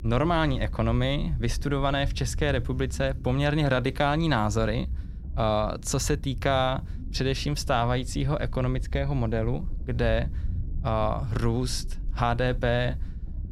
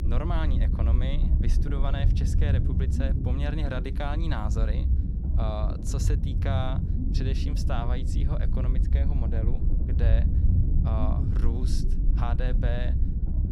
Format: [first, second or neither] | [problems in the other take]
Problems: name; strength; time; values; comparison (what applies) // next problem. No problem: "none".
first | low rumble; loud; throughout; 4 dB below the speech; faint in the first